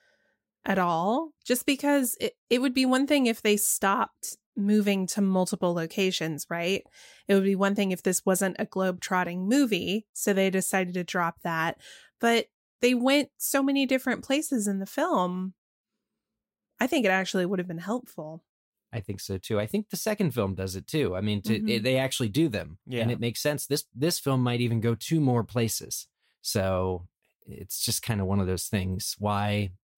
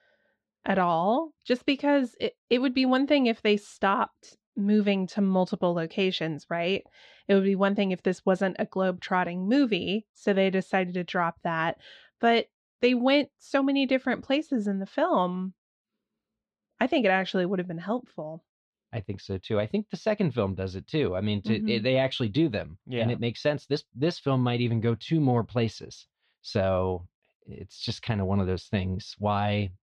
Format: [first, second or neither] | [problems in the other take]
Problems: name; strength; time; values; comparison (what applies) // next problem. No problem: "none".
first | muffled; slightly; fading above 4 kHz